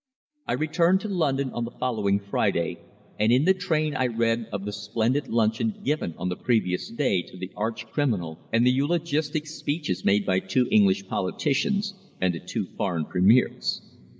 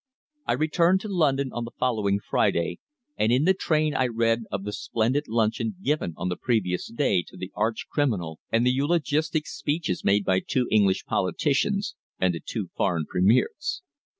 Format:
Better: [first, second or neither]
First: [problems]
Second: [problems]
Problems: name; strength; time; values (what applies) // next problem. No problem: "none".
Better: second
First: room echo; dies away in 1.6 s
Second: none